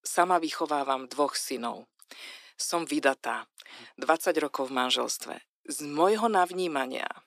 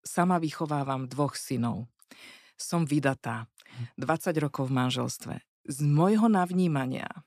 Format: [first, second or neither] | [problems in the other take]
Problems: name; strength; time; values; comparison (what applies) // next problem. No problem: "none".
second | thin; somewhat; fading below 350 Hz